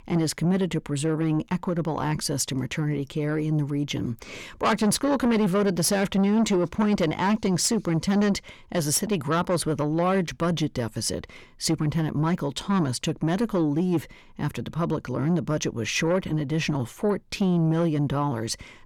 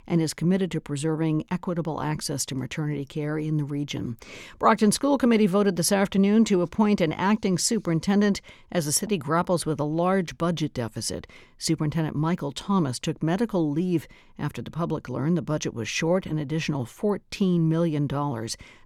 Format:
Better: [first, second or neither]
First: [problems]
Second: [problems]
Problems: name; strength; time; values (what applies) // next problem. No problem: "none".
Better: second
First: distortion; slight; 10 dB below the speech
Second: none